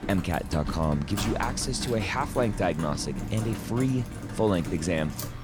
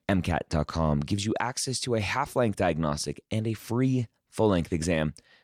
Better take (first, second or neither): second